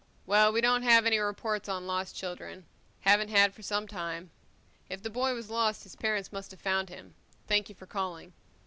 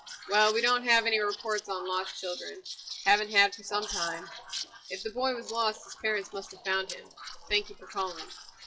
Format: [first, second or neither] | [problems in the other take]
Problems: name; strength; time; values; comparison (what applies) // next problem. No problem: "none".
first | noise reduction (classical method WPE with log-MMSE)